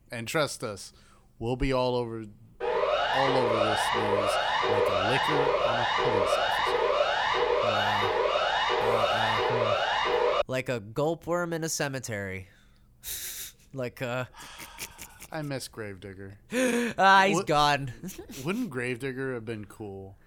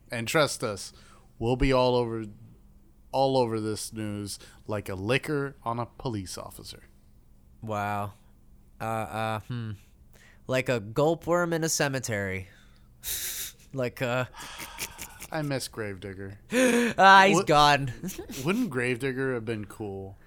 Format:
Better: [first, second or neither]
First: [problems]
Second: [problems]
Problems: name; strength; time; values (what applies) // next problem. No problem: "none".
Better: second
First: siren; loud; from 2.5 to 10 s; peak 5 dB above the speech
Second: none